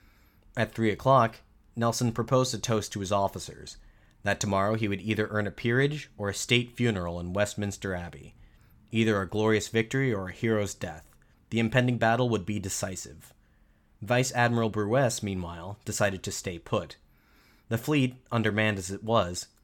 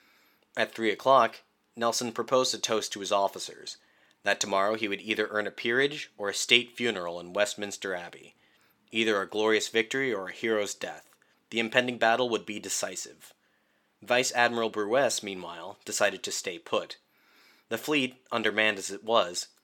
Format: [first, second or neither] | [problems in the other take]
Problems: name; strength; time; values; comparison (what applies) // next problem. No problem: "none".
first | thin; somewhat; fading below 350 Hz